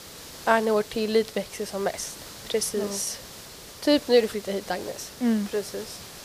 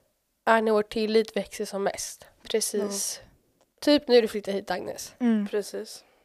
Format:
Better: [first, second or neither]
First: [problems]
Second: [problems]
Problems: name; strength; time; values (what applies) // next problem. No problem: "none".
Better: second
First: hiss; noticeable; throughout; 15 dB below the speech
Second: none